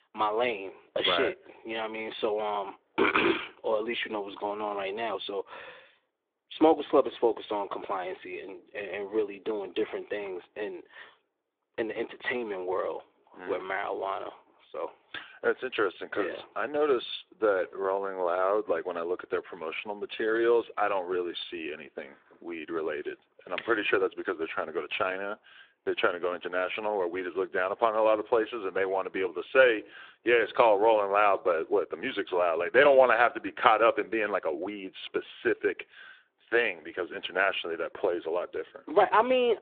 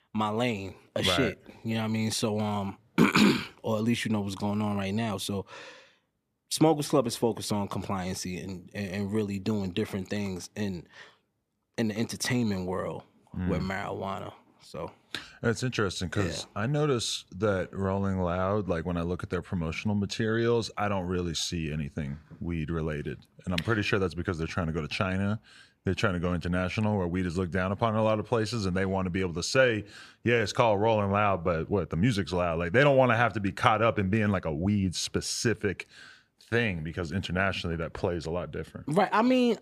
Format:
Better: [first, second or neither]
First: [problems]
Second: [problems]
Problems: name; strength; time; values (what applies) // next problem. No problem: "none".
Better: second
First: phone-call audio; nothing above 3.5 kHz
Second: none